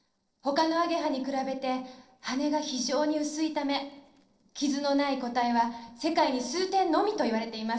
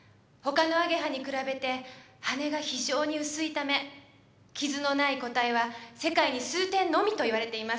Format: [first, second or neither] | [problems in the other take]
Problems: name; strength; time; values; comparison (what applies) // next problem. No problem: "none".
second | noise reduction (neural separator model SepFormer DNS4)